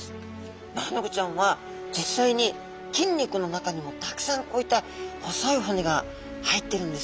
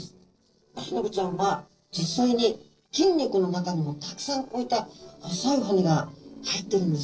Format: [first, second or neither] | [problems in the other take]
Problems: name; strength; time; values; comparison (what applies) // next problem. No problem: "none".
first | noise reduction (neural separator model SepFormer DNS4)